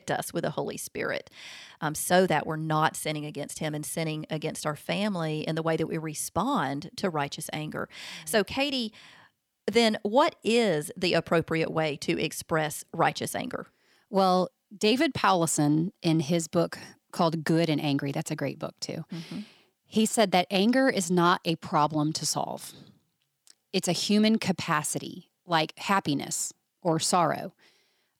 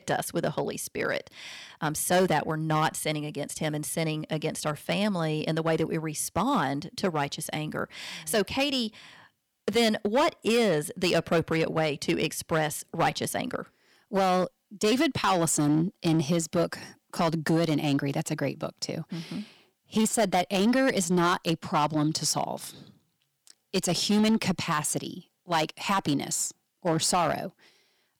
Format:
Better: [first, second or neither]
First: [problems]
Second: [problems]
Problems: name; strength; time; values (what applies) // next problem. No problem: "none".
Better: first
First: none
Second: distortion; slight; 5% of the sound clipped